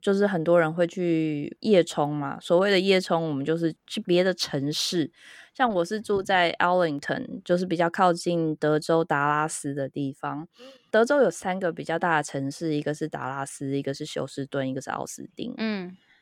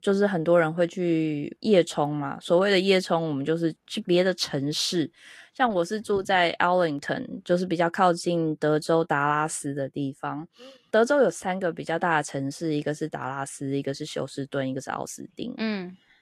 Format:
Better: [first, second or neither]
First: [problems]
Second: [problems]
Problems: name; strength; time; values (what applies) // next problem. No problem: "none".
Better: first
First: none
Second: garbled, watery; slightly; nothing above 12.5 kHz